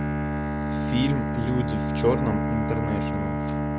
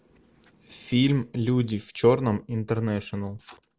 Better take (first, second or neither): second